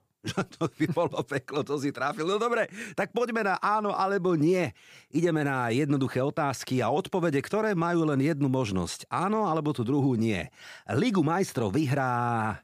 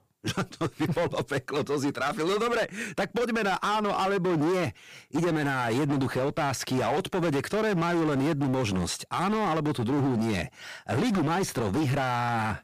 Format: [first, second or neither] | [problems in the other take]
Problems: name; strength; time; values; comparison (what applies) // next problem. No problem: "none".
first | distortion; heavy; 24% of the sound clipped